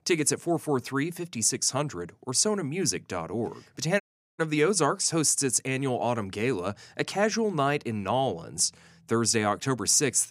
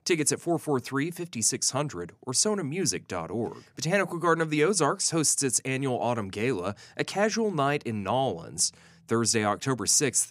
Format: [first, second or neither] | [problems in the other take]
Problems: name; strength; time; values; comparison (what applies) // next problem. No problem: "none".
second | audio cutting out; at 4 s